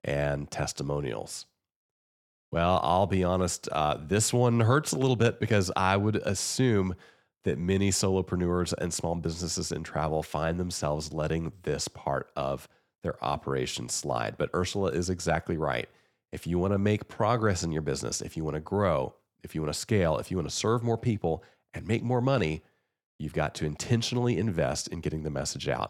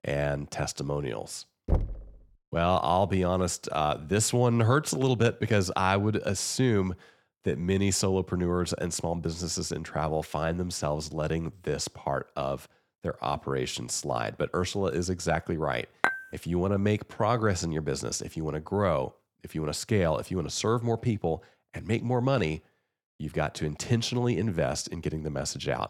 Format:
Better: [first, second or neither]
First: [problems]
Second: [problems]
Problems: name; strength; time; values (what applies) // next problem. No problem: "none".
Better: first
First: none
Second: door banging; noticeable; at 1.5 s; peak 2 dB below the speech // clattering dishes; loud; at 16 s; peak level with the speech